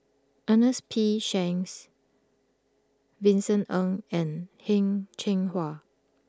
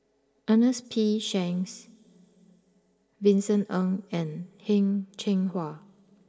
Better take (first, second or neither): first